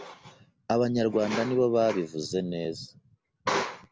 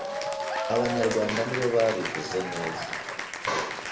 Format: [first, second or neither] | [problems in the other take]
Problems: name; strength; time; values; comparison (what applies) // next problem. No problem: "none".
first | background sound (Applause / Cheering); 3 dB below the speech // room echo; dies away in 2 s